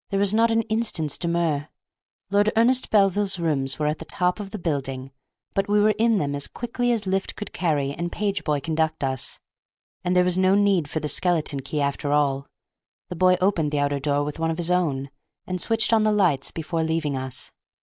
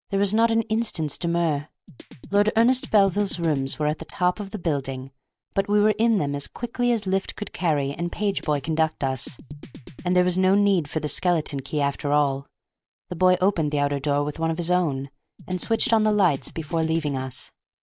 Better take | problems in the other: first | background sound (Drum kit); 16 dB below the speech

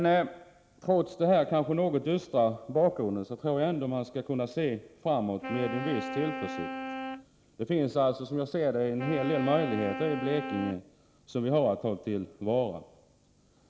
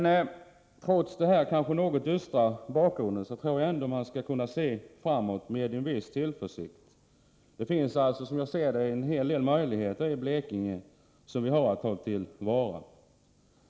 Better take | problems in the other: second | background sound (Wind instrument, woodwind instrument); 9 dB below the speech

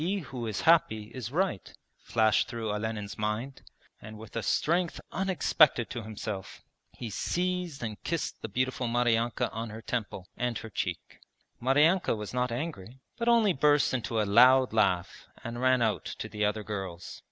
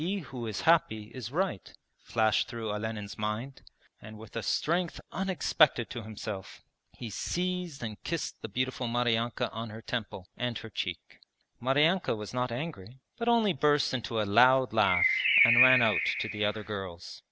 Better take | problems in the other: first | background sound (Bird); 3 dB above the speech

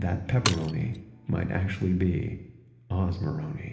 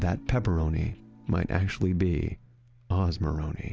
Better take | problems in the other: second | background sound (Shatter); 11 dB below the speech // room echo; dies away in 1.1 s

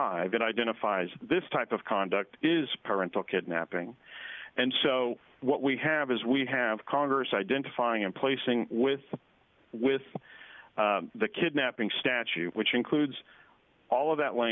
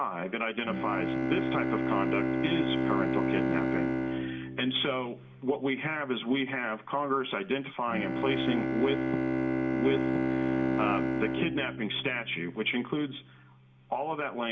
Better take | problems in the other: first | background sound (Bowed string instrument); 1 dB above the speech // room echo; dies away in 0.5 s

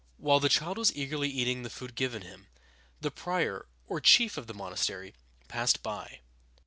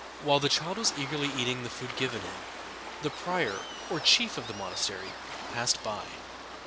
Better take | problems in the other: first | background sound (Waves, surf); 8 dB below the speech

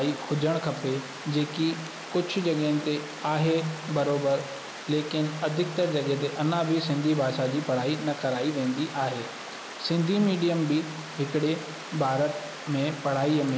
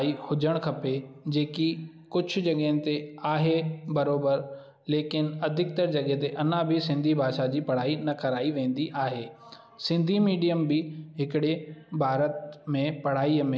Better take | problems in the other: second | background sound (Water); 12 dB below the speech

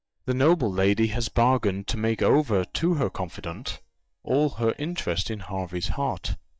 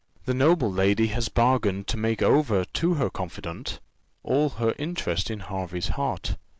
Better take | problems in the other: second | noise reduction (neural mask model DeepFilterNet 3)

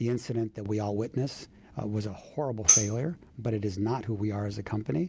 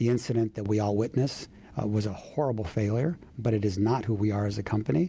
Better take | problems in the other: second | background sound (Tambourine); 3 dB above the speech

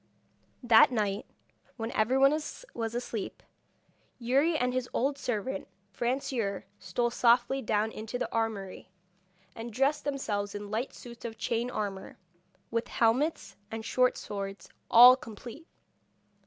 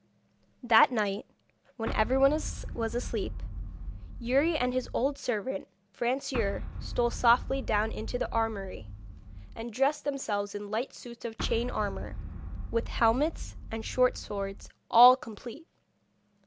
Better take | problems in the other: first | background sound (Boom); 7 dB below the speech

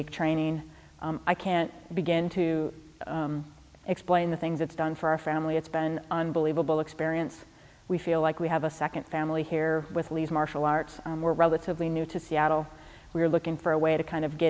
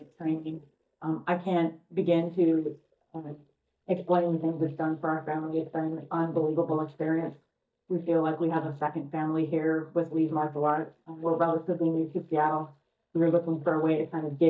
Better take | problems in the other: first | noise reduction (neural mask model DeepFilterNet 3)

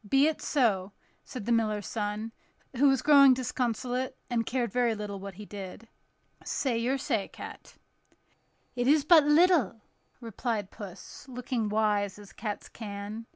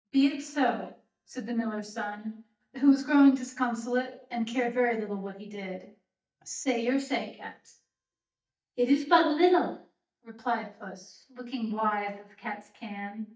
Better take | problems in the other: first | noise reduction (neural mask model DeepFilterNet 3)

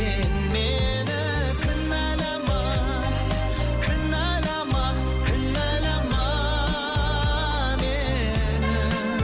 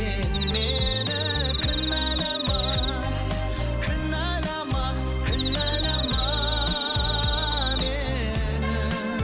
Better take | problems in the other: first | background sound (Cricket); 4 dB below the speech

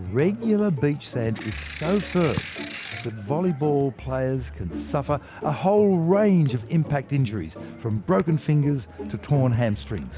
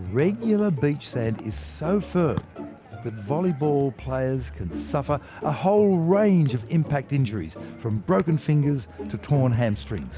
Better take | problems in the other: second | background sound (Ratchet, pawl / Percussion); 14 dB below the speech

